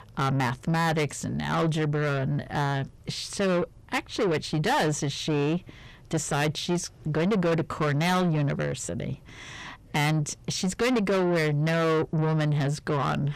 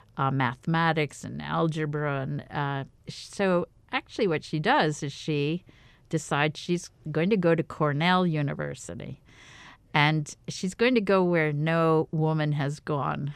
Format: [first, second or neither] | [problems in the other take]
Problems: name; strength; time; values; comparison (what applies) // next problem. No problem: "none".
second | distortion; heavy; 6 dB below the speech